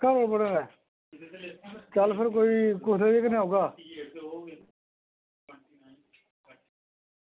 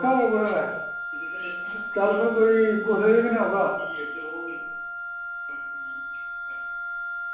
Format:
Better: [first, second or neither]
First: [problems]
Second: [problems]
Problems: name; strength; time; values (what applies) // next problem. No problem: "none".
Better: first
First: none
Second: background sound (Wind instrument, woodwind instrument); 7 dB below the speech // room echo; dies away in 0.7 s